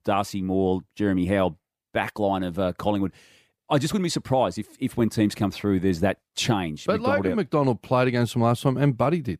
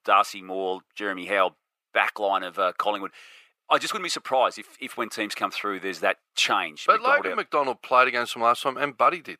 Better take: first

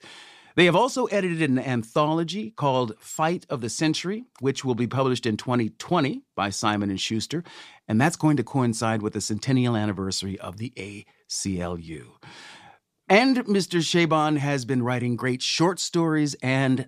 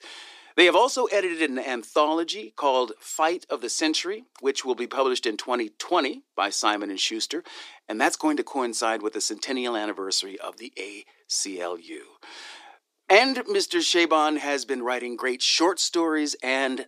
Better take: first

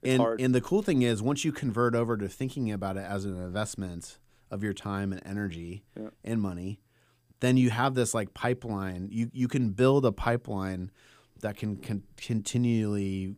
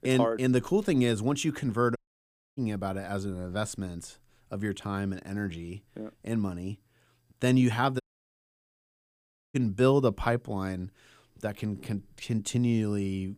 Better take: first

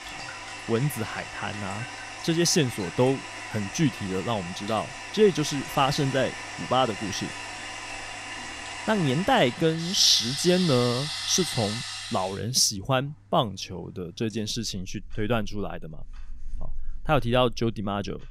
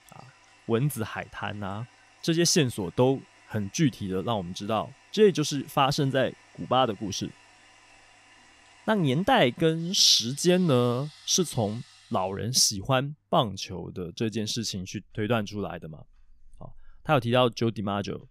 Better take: second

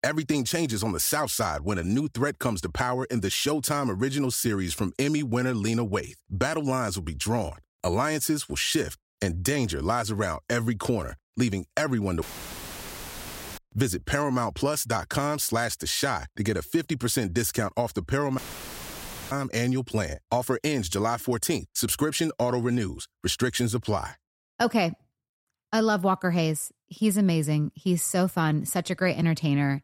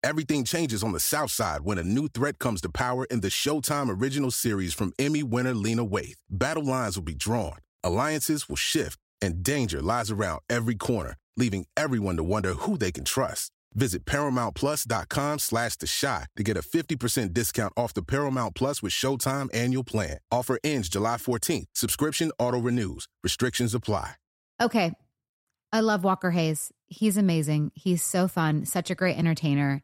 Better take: second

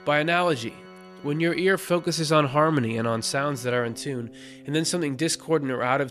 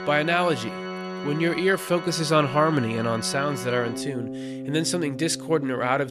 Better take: first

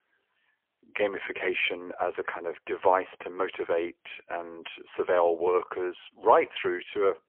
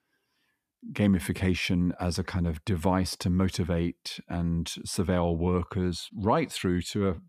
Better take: second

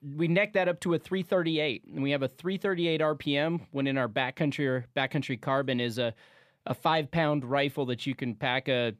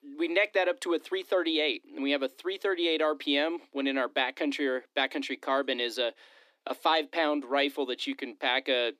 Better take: first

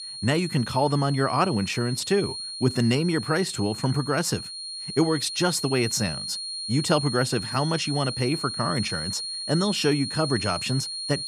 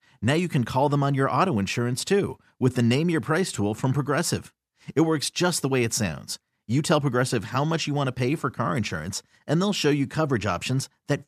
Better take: second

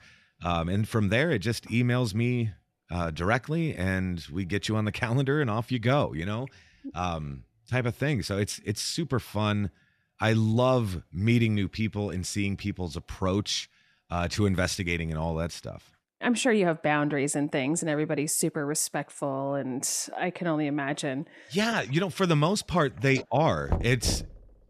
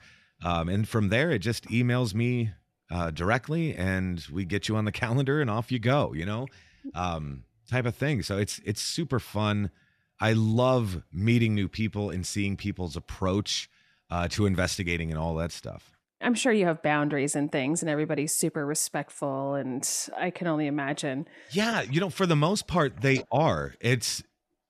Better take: second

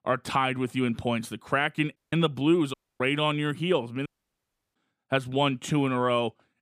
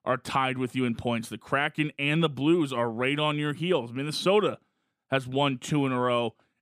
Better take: second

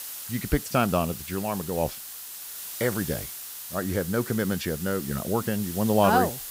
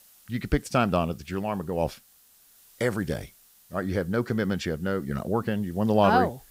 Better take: second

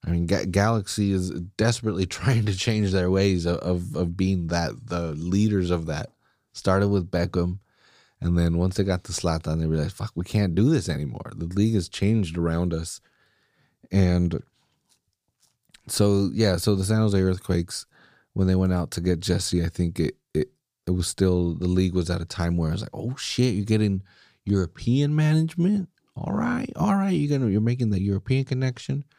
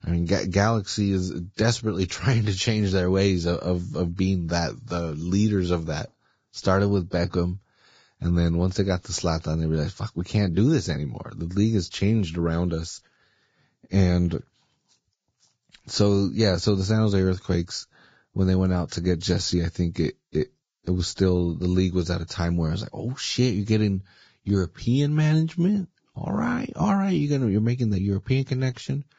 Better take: first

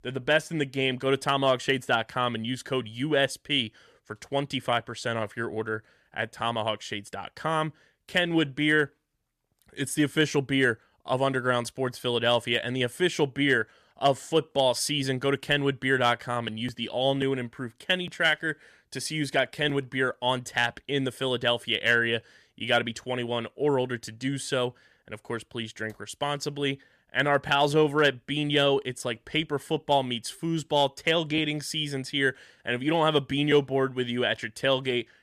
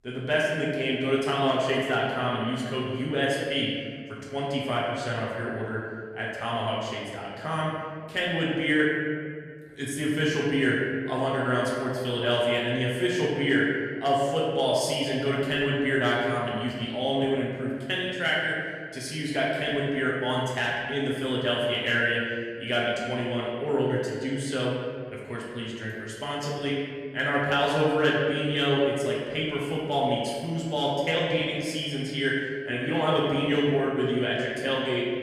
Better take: first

